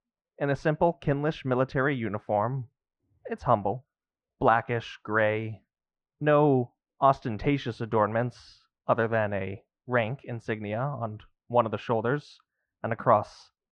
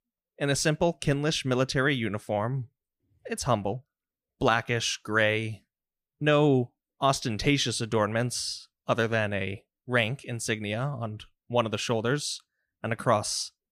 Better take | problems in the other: second | muffled; very; fading above 1.5 kHz

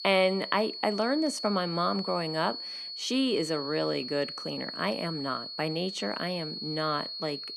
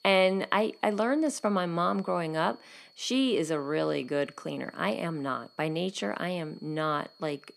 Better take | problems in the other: second | high-pitched whine; loud; throughout; 4.5 kHz, 6 dB below the speech; faint in the second

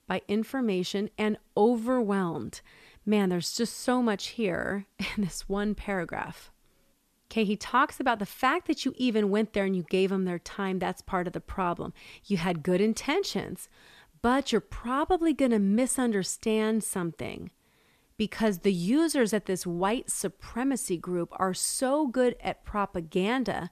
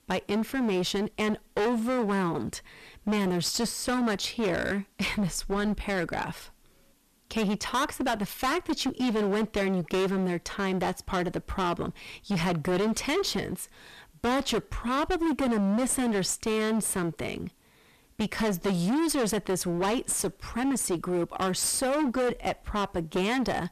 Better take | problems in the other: first | distortion; heavy; 22% of the sound clipped

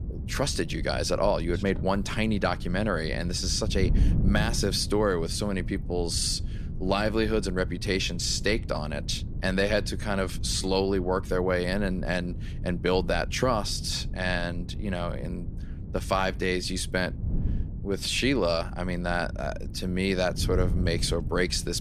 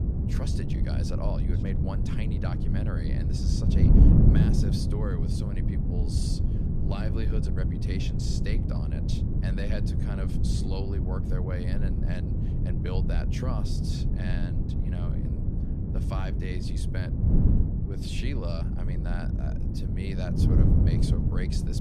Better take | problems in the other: first | wind noise on the microphone; heavy; 2 dB above the speech; occasional gusts in the first

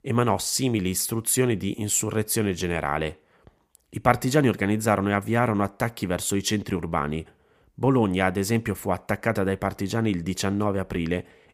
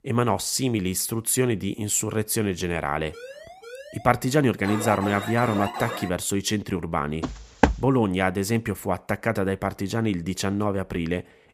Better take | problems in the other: first | siren; faint; at 3 s; peak 15 dB below the speech // alarm; noticeable; from 4.5 to 6 s; peak 5 dB below the speech // footsteps; loud; at 7 s; peak 2 dB above the speech

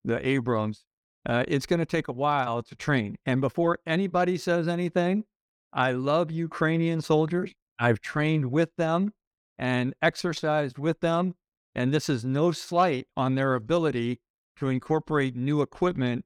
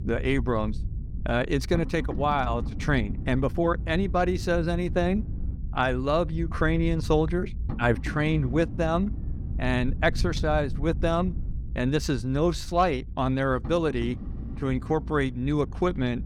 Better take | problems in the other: first | low rumble; noticeable; throughout; 20 dB below the speech

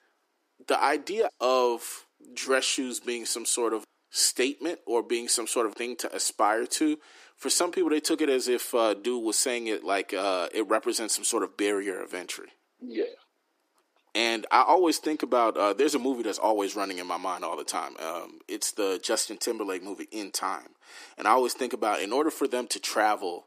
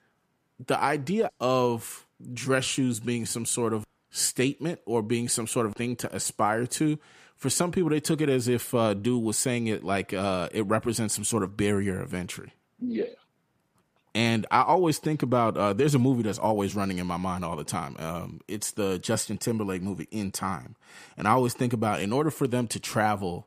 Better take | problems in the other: second | thin; somewhat; fading below 300 Hz

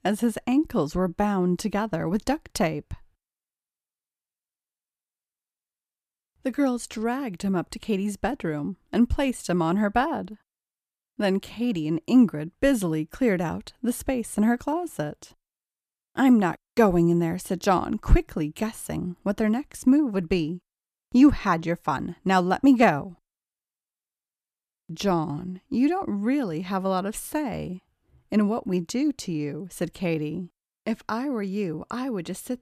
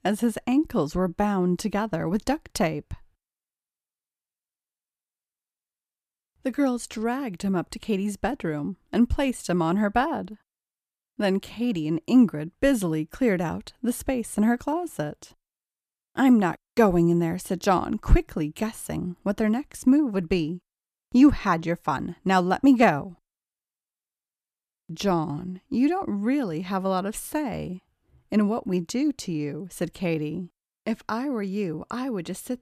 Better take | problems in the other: neither | none

